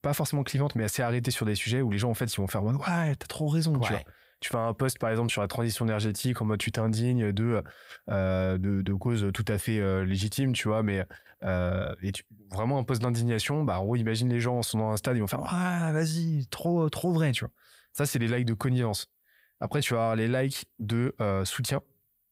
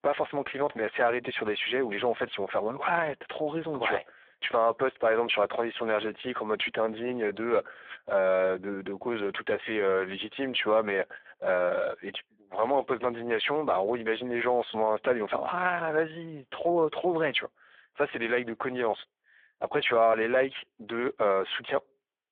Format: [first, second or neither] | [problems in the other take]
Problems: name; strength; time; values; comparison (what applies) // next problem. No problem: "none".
first | phone-call audio; poor line